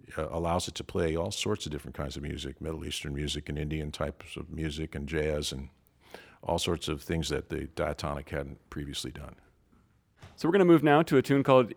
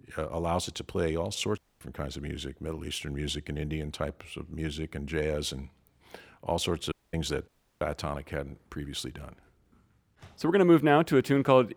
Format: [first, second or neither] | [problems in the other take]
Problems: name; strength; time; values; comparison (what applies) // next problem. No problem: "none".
first | audio cutting out; at 1.5 s, at 7 s and at 7.5 s